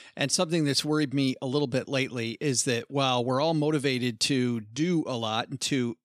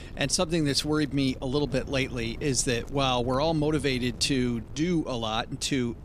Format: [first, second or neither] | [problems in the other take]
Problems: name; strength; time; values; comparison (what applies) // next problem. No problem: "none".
first | wind noise on the microphone; occasional gusts; 20 dB below the speech